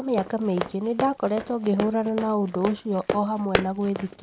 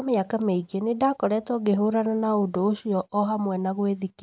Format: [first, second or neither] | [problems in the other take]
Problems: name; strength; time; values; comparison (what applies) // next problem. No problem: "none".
second | background sound (Run); 7 dB below the speech